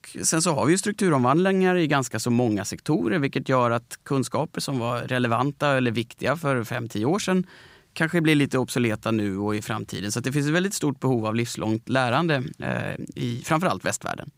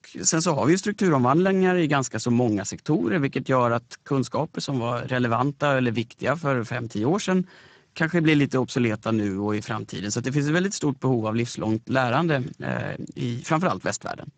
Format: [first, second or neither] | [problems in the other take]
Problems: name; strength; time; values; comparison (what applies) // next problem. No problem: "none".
first | garbled, watery; badly; nothing above 7.5 kHz